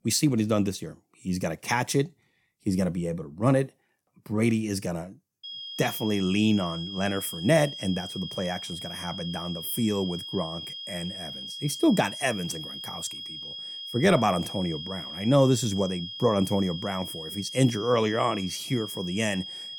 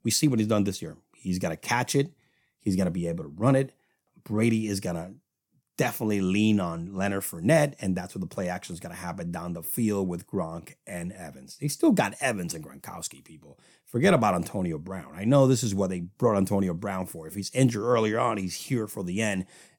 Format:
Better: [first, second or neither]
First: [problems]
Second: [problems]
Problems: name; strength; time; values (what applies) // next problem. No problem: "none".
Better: second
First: high-pitched whine; loud; from 5.5 s on; 3.5 kHz, 8 dB below the speech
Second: none